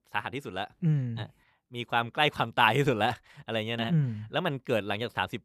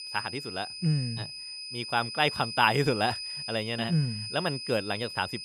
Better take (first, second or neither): first